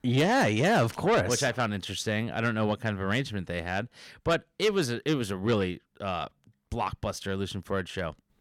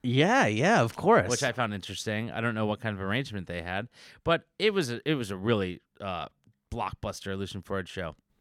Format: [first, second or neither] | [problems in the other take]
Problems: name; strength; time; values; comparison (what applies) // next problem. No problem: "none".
second | distortion; slight; 10 dB below the speech